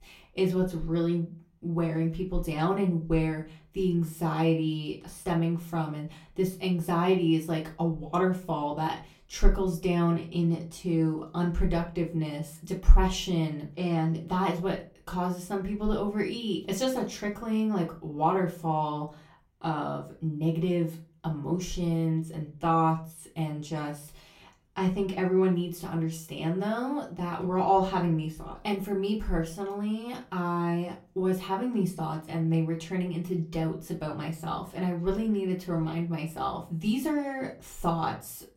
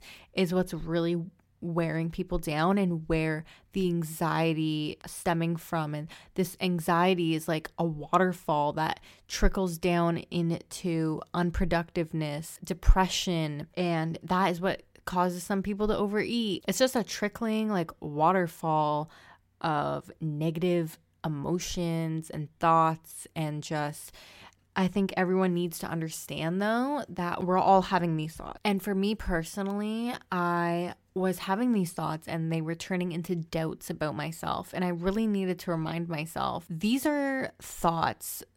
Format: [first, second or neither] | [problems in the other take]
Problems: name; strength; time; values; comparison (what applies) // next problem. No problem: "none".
second | off-mic speech; far // room echo; very slight; dies away in 0.3 s